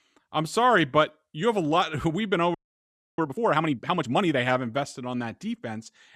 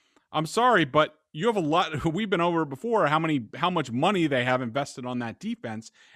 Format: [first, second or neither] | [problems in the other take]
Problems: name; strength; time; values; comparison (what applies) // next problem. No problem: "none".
second | audio freezing; at 2.5 s for 0.5 s